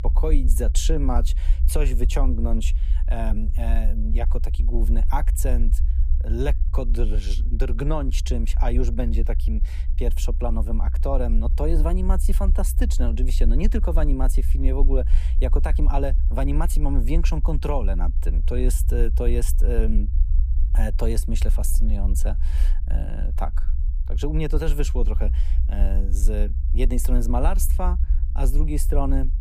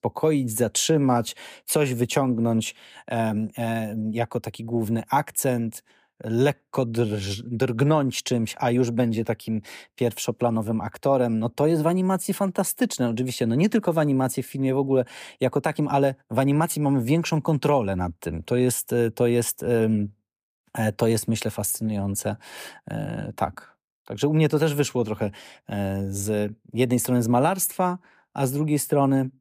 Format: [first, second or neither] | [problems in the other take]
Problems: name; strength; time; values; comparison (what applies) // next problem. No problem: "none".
second | low rumble; noticeable; throughout; 15 dB below the speech